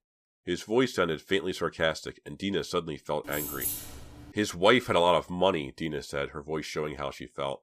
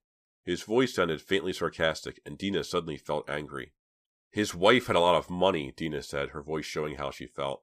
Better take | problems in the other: second | jangling keys; noticeable; from 3.5 to 4.5 s; peak 2 dB below the speech

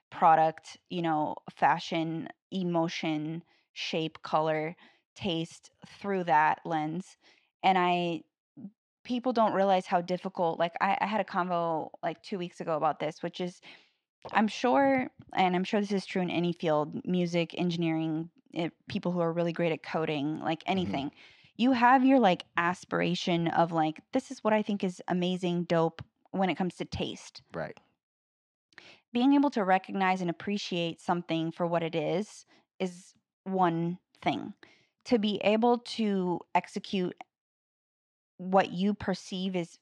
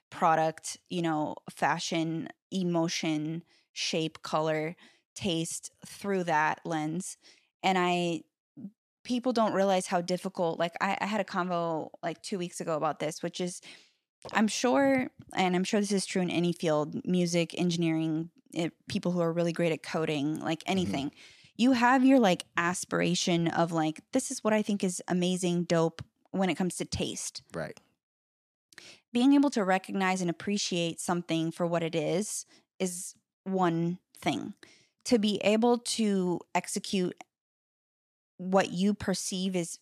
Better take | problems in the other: second | muffled; slightly; fading above 3 kHz

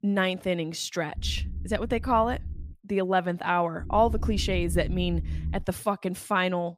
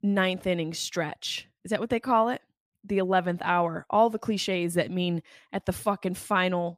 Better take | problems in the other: second | low rumble; faint; from 1 to 2.5 s and from 4 to 5.5 s; 20 dB below the speech

